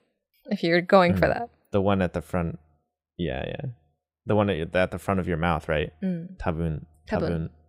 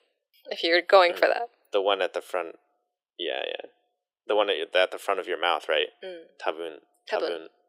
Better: first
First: none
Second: thin; very; fading below 350 Hz

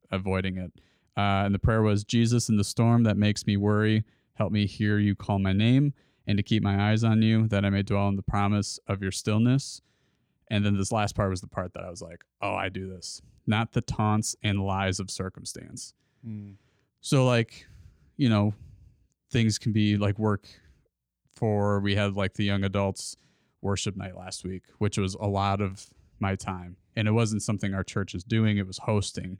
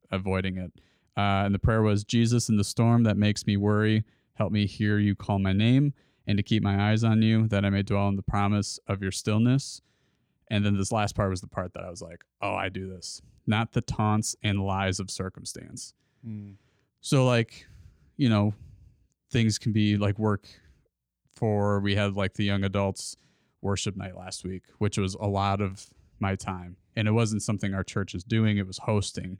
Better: neither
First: none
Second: none

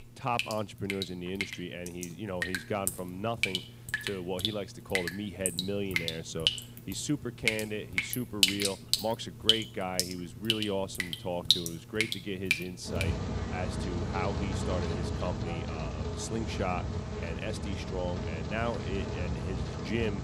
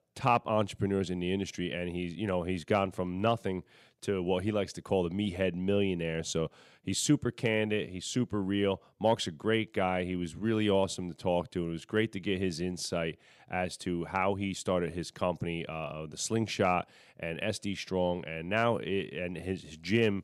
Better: second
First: rain or running water; very loud; throughout; 4 dB above the speech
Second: none

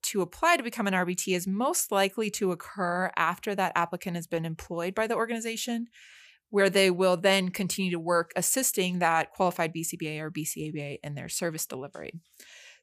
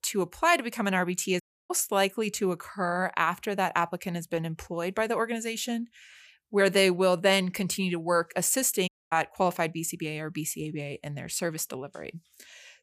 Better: first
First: none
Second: audio cutting out; at 1.5 s and at 9 s

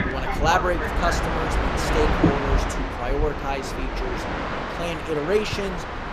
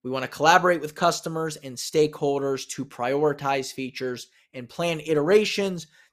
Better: second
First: train or aircraft noise; very loud; throughout; 1 dB above the speech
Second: none

